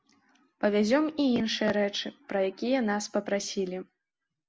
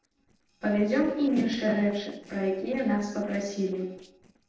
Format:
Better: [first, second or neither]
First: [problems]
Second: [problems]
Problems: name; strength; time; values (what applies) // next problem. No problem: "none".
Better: first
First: none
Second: noise reduction (neural separator model SepFormer DNS4)